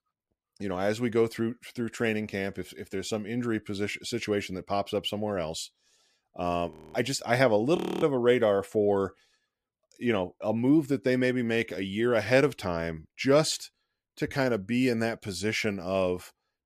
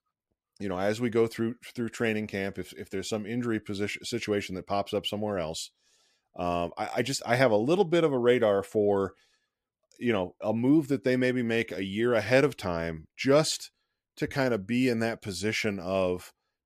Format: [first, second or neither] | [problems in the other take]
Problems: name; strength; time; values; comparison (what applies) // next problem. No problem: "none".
second | audio freezing; at 6.5 s and at 8 s